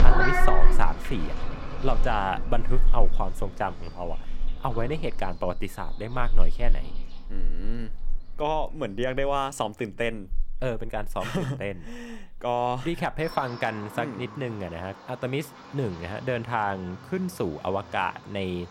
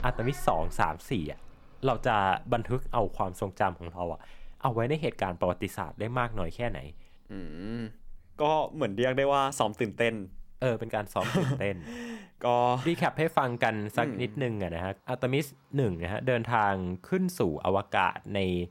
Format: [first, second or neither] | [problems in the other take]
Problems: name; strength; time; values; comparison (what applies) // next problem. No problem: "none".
second | animal sounds; loud; throughout; 3 dB below the speech; faint in the second